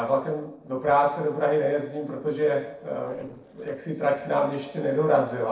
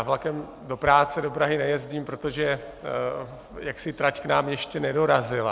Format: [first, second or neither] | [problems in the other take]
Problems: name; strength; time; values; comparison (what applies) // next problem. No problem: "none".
second | noise reduction (neural separator model SepFormer DNS4)